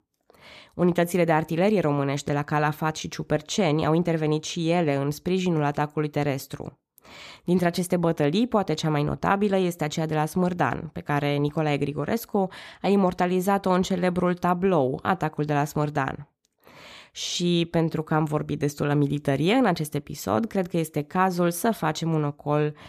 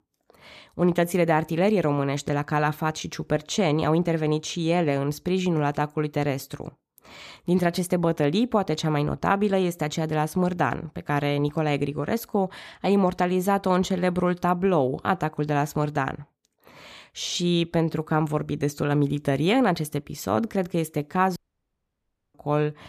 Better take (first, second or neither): first